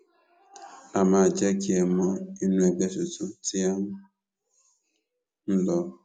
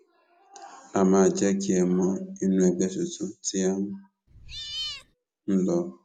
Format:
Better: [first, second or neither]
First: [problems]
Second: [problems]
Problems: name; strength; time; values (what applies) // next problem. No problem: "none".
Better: first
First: none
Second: background sound (Cat); 10 dB below the speech